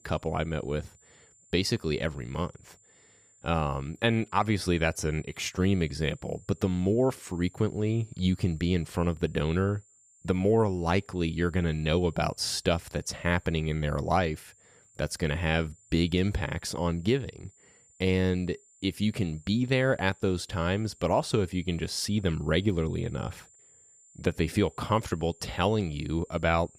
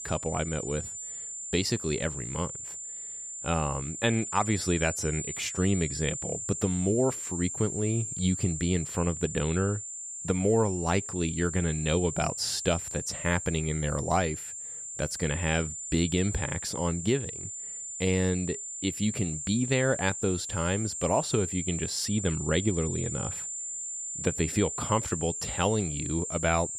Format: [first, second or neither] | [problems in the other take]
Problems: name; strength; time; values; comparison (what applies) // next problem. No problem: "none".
first | high-pitched whine; loud; throughout; 7.5 kHz, 5 dB below the speech; faint in the first